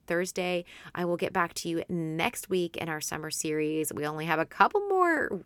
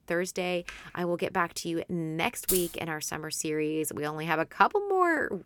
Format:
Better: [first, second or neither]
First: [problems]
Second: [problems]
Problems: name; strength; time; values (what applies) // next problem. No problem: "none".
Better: first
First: none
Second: keyboard typing; faint; at 0.5 s; peak 15 dB below the speech // jangling keys; loud; at 2.5 s; peak level with the speech